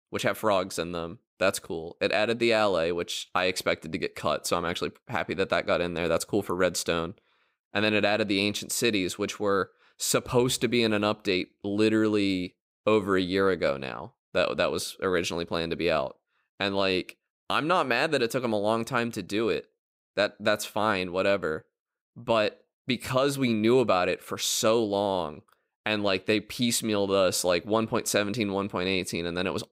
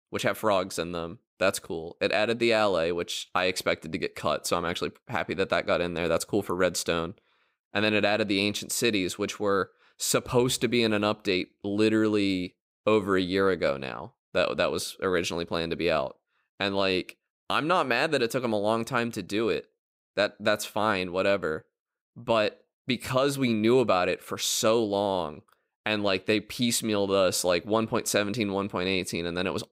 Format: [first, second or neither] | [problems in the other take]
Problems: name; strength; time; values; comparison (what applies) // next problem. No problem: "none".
neither | none